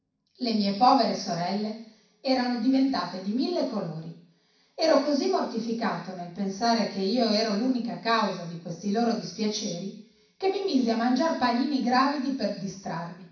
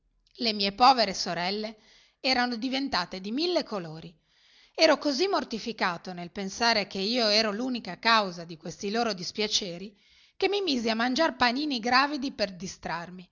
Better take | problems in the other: second | room echo; dies away in 0.6 s

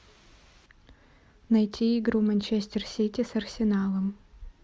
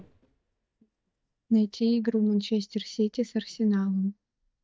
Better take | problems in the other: first | noise reduction (neural mask model DeepFilterNet 3)

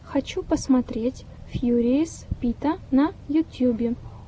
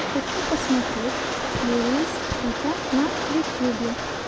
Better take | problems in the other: first | background sound (Rain); 1 dB below the speech

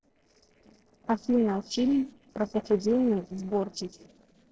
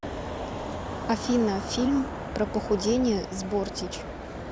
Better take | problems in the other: second | noise reduction (neural separator model SepFormer DNS4)

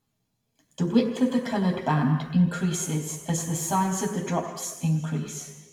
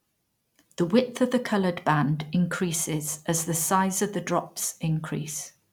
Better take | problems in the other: second | room echo; dies away in 1.2 s

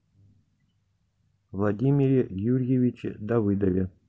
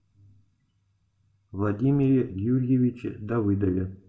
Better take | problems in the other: first | room echo; dies away in 0.3 s

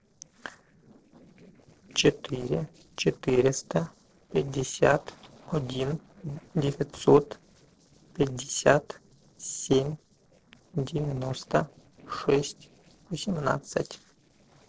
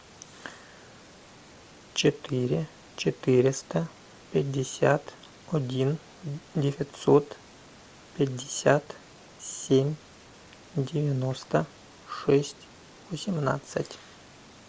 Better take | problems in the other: second | noise reduction (neural separator model SepFormer DNS4)

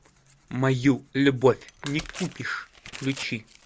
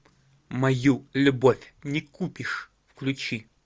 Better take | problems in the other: second | background sound (Crushing + Tearing); 18 dB below the speech

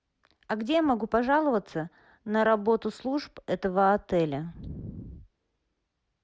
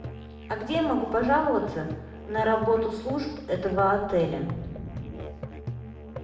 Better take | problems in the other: first | background sound (Musical instrument); 11 dB below the speech // room echo; dies away in 0.8 s

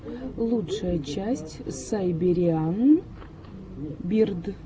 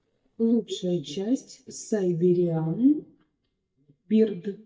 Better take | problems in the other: first | noise reduction (neural mask model DeepFilterNet 3)

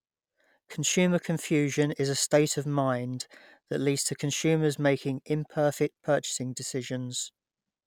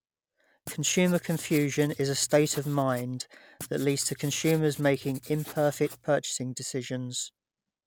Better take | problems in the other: first | background sound (Writing); 17 dB below the speech

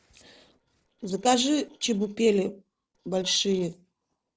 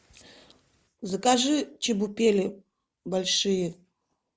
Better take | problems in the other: second | noise reduction (neural separator model SepFormer DNS4)

